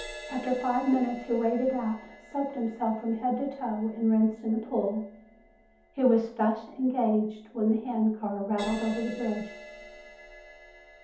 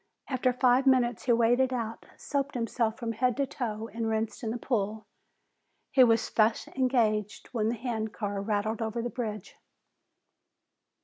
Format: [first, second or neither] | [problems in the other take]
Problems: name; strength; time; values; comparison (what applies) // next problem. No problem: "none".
second | background sound (Crash cymbal); 18 dB below the speech // room echo; dies away in 0.6 s